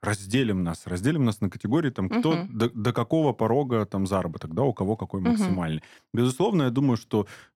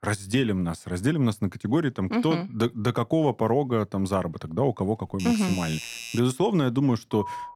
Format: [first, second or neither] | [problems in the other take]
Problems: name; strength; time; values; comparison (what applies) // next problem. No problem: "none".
first | doorbell; noticeable; from 5 to 6 s; peak 9 dB below the speech // phone ringing; faint; at 7 s; peak 10 dB below the speech